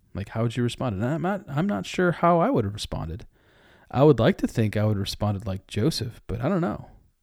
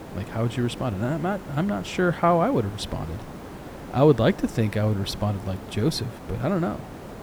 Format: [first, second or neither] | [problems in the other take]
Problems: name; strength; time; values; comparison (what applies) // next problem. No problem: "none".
first | hiss; noticeable; throughout; 15 dB below the speech